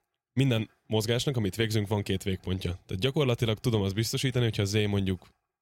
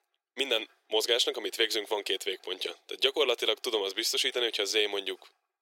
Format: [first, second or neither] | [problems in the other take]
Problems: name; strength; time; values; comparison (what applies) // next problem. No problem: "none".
first | thin; very; fading below 350 Hz